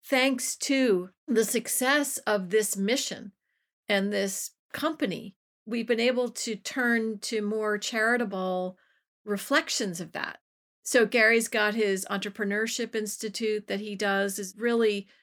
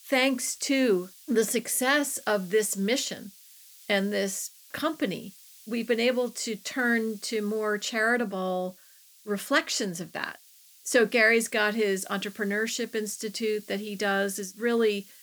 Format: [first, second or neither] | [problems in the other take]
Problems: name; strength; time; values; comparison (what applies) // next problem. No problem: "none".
first | hiss; faint; throughout; 25 dB below the speech